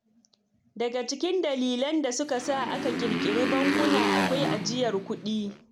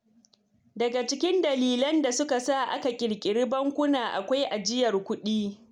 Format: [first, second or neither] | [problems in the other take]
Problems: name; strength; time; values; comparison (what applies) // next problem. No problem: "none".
second | background sound (Motorcycle); as loud as the speech